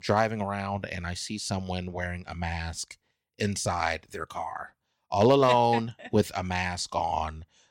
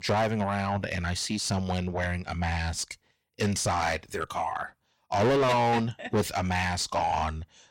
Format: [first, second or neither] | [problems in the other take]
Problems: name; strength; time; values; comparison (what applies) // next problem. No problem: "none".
first | distortion; heavy; 6 dB below the speech